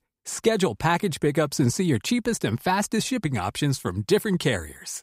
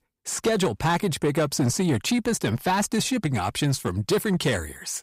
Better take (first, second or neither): first